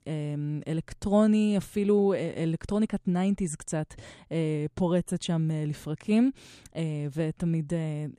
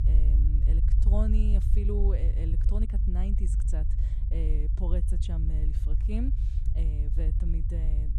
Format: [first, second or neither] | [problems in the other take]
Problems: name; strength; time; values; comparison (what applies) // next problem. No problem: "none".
first | low rumble; loud; throughout; 4 dB below the speech